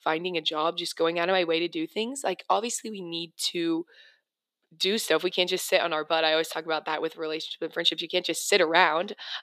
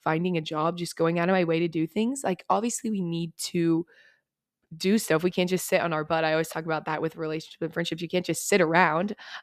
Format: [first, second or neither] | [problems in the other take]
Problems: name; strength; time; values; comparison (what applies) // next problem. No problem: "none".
second | thin; somewhat; fading below 400 Hz